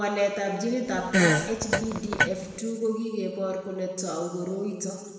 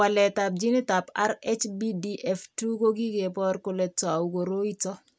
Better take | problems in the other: second | background sound (Fart); 3 dB above the speech // room echo; dies away in 1.6 s

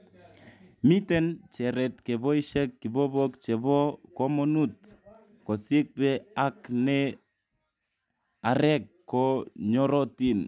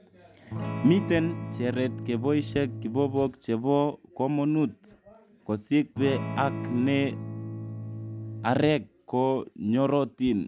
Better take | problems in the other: first | background sound (Electric guitar / Strum); 8 dB below the speech

